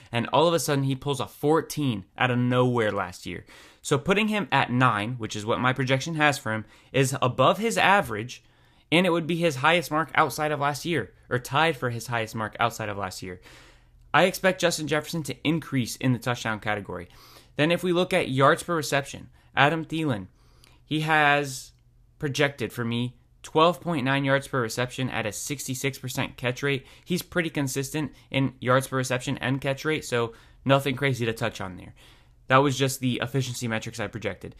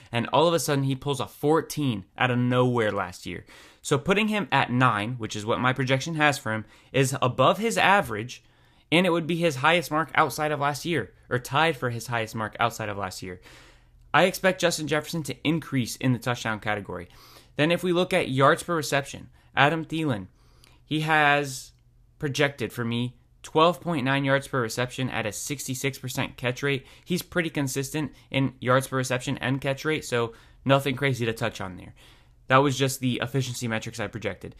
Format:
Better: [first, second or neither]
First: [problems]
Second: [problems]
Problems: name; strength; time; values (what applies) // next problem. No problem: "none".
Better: neither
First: none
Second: none